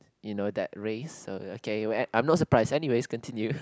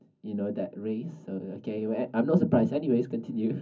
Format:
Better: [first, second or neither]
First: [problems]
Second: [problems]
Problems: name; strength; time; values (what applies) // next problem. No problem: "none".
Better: first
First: none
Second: room echo; dies away in 0.4 s